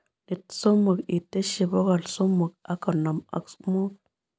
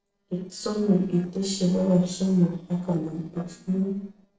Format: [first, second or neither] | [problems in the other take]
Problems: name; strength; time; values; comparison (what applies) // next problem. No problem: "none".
first | noise reduction (neural separator model SepFormer DNS4)